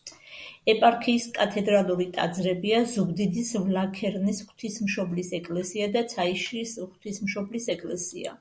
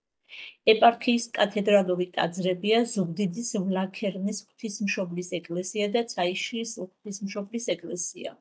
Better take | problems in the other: first | noise reduction (neural mask model DeepFilterNet 3)

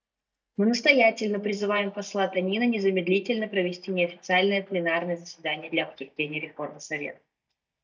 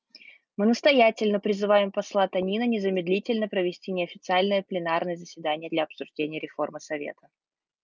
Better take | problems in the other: second | noise reduction (neural mask model DeepFilterNet 3)

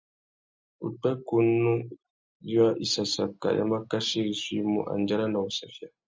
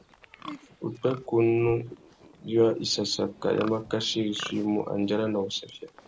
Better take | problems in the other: first | background sound (Livestock, farm animals, working animals); 18 dB below the speech

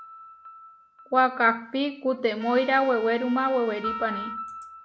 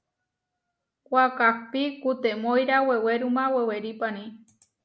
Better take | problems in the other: second | background sound (Piano + Trumpet); 13 dB below the speech

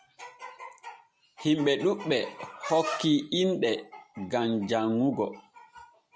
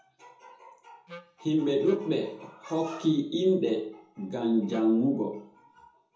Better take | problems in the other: first | background sound (Wind instrument, woodwind instrument); 19 dB below the speech // room echo; dies away in 0.6 s

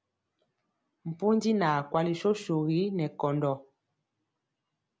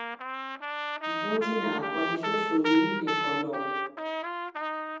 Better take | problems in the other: first | background sound (Trumpet); as loud as the speech // room echo; dies away in 1.1 s

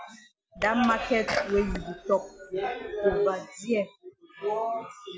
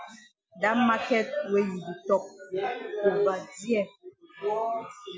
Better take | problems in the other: second | background sound (Sneeze); 9 dB below the speech

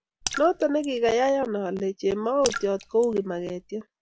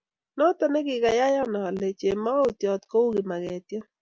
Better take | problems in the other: second | background sound (Raindrop / Splash, splatter); 12 dB below the speech

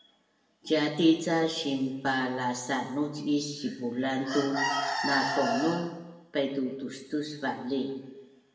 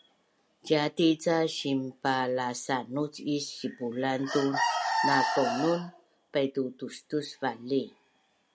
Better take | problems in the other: second | room echo; dies away in 1 s

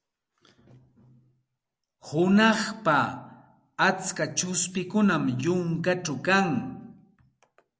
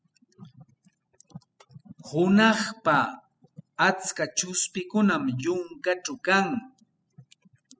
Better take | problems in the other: first | noise reduction (classical method spectral subtraction)

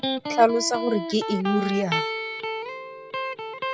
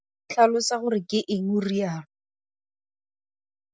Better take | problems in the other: second | background sound (Electric guitar); 4 dB below the speech

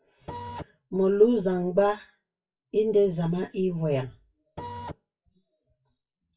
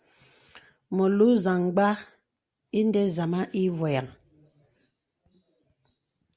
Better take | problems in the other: second | noise reduction (classical method WPE with log-MMSE)

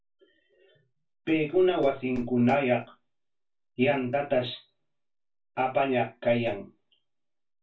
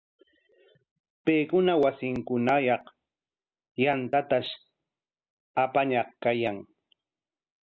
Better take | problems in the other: second | room echo; dies away in 0.2 s

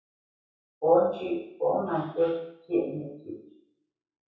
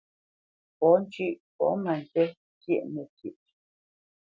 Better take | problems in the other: second | room echo; dies away in 0.7 s

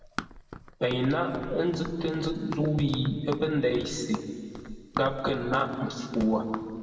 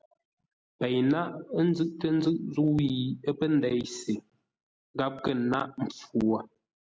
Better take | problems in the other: second | background sound (Run); 13 dB below the speech // room echo; dies away in 2.4 s

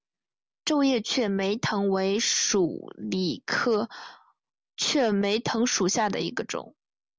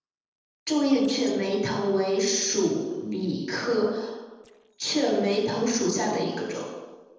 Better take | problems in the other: first | noise reduction (neural separator model SepFormer DNS4)

